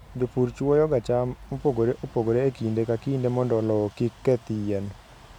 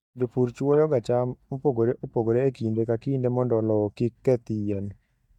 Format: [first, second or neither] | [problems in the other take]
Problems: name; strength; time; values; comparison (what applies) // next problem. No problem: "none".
first | noise reduction (neural mask model DeepFilterNet 3)